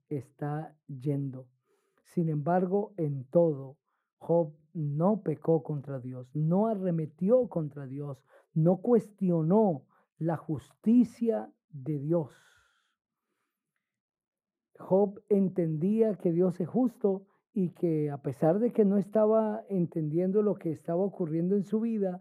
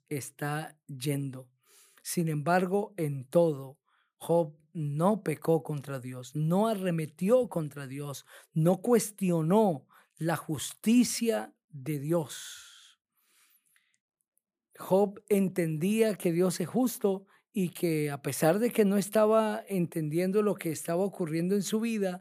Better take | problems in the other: second | muffled; very; fading above 1.5 kHz

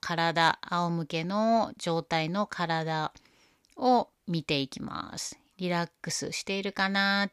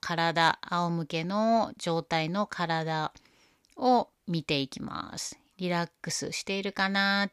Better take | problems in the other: neither | none

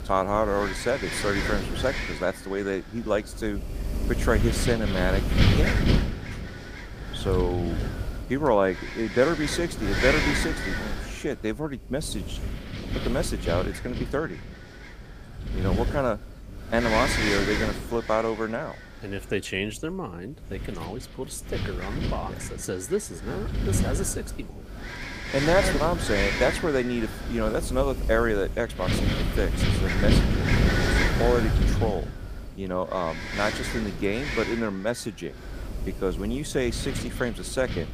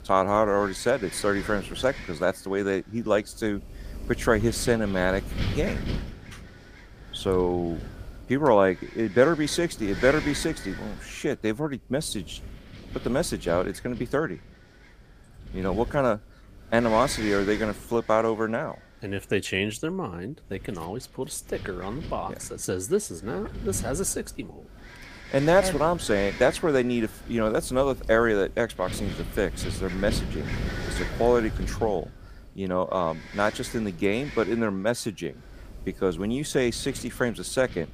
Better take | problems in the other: second | wind noise on the microphone; heavy; 2 dB below the speech; occasional gusts in the second

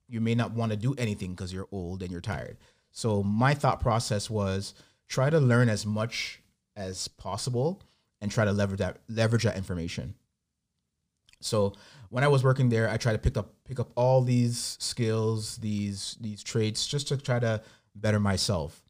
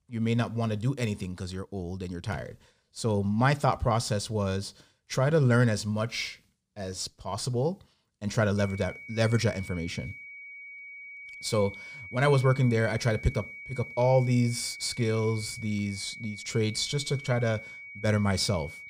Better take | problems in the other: first | high-pitched whine; noticeable; from 8.5 s on; 2.5 kHz, 15 dB below the speech

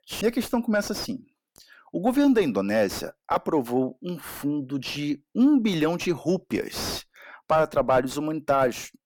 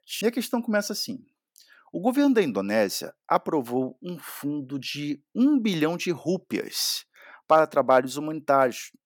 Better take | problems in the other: second | distortion; slight; 9 dB below the speech

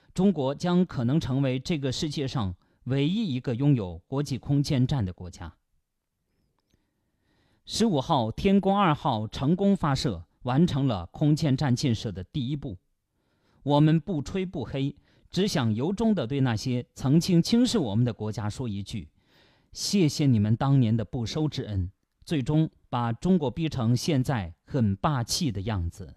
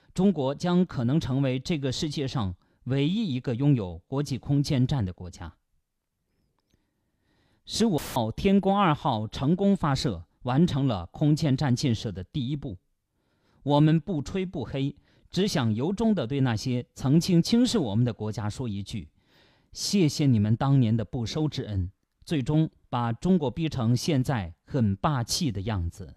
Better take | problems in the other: first | audio cutting out; filled with static; at 8 s

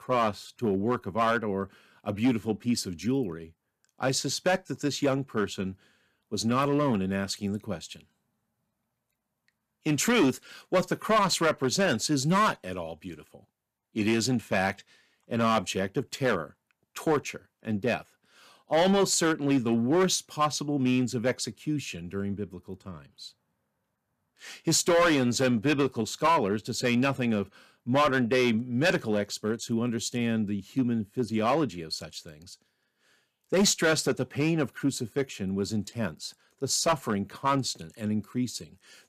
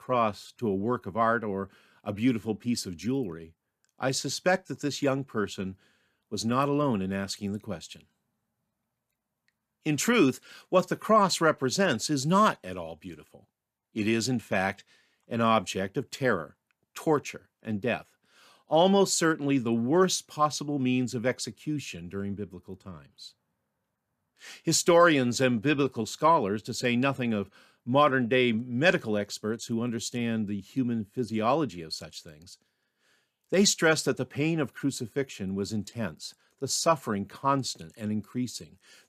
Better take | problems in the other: second | distortion; slight; 4% of the sound clipped

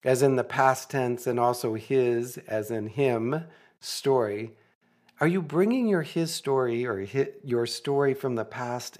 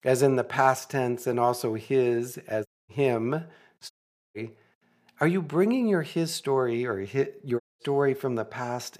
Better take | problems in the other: first | audio cutting out; at 2.5 s, at 4 s and at 7.5 s

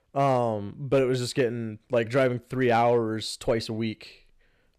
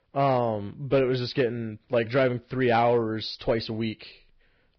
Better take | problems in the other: first | garbled, watery; badly; nothing above 5 kHz

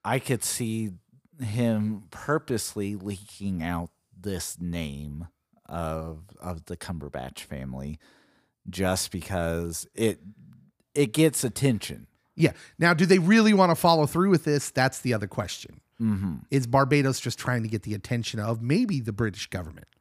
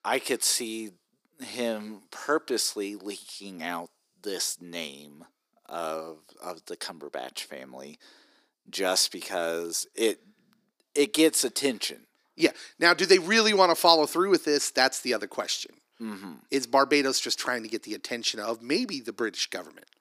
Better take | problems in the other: first | thin; somewhat; fading below 300 Hz

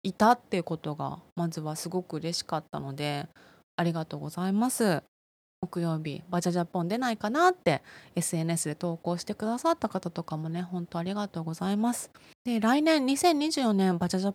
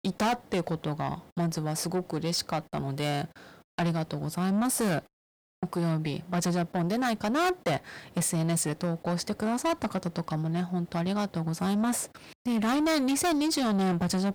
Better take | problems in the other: first | distortion; heavy; 7 dB below the speech

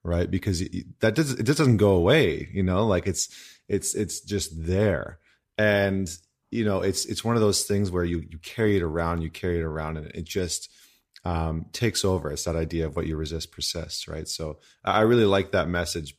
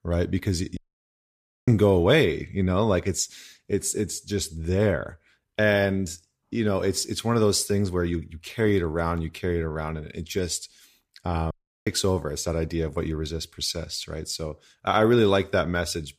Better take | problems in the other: first | audio cutting out; at 1 s for 1 s and at 12 s

